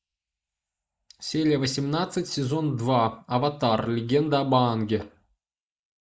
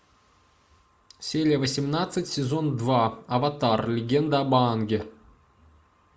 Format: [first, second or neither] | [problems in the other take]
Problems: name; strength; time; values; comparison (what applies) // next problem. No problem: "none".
second | noise reduction (neural mask model Resemble Enhance denoiser)